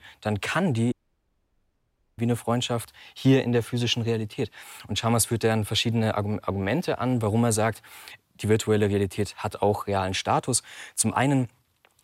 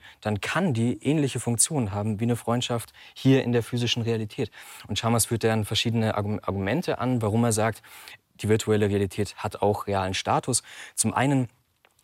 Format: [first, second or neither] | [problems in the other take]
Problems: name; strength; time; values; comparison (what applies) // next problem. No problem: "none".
second | audio cutting out; at 1 s for 1.5 s